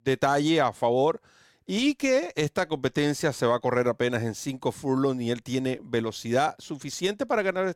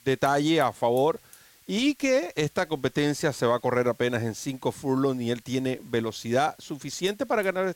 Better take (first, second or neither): first